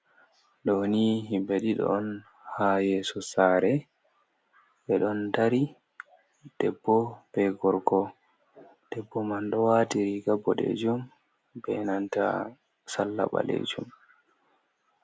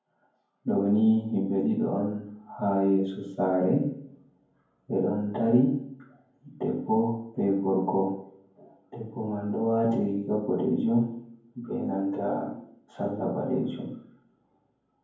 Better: first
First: none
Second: room echo; dies away in 0.9 s

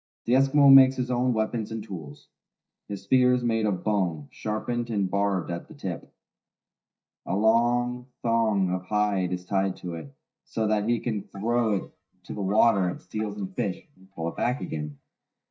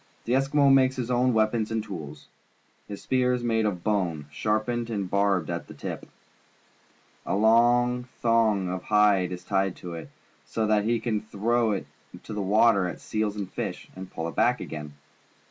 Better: second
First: noise reduction (neural mask model DeepFilterNet 3)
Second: none

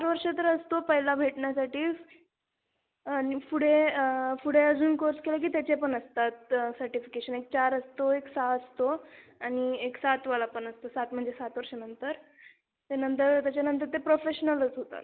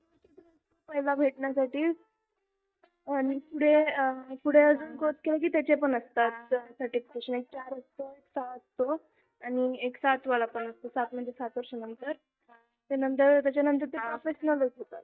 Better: first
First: none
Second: noise reduction (neural mask model DeepFilterNet 3)

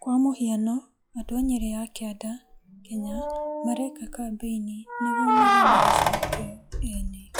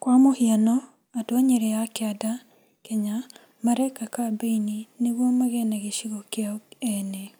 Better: second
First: noise reduction (classical method log-MMSE)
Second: none

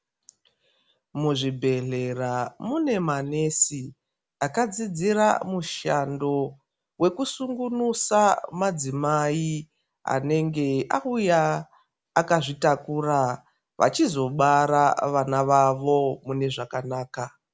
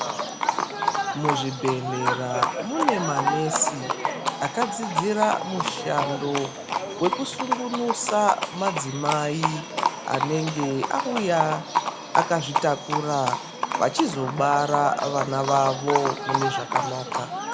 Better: first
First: none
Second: background sound (Livestock, farm animals, working animals); 1 dB below the speech

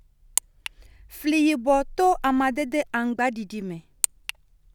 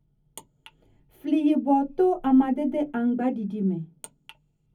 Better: first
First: none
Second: room echo; dies away in 0.3 s

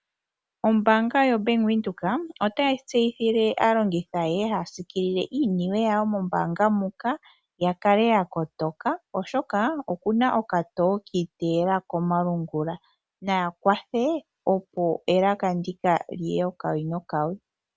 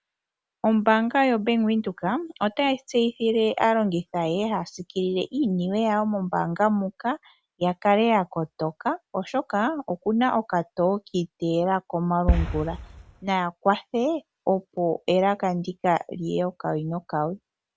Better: first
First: none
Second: background sound (Boom); 2 dB below the speech

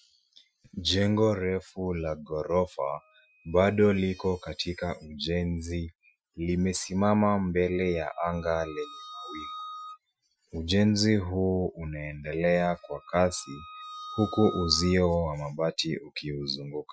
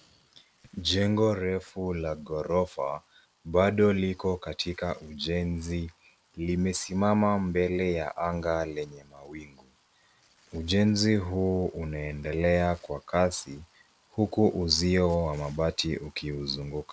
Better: second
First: noise reduction (classical method Wiener filter)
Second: none

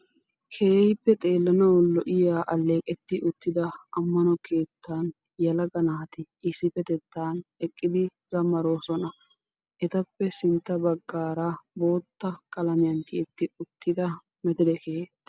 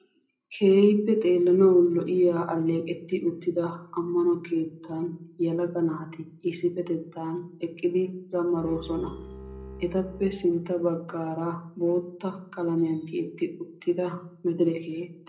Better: first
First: none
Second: background sound (Bowed string instrument); 16 dB below the speech // room echo; dies away in 0.4 s

